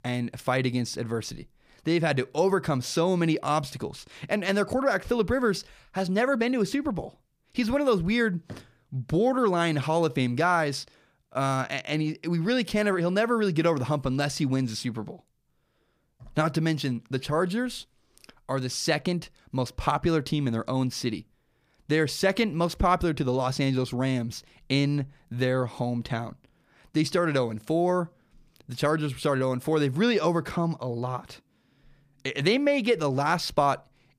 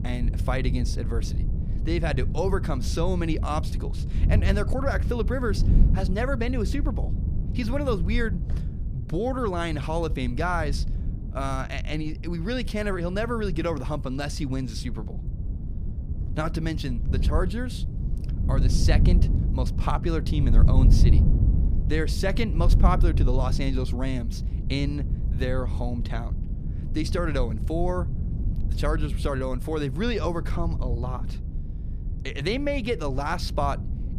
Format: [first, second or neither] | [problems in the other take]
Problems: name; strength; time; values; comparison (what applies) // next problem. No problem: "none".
first | wind noise on the microphone; occasional gusts; 10 dB below the speech